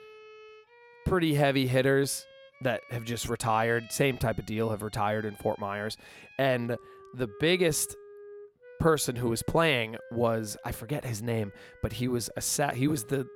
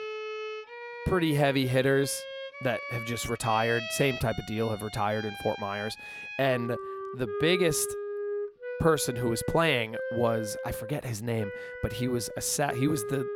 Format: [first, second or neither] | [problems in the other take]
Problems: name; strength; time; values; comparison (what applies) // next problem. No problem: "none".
first | background music; loud; throughout; 9 dB below the speech; faint in the first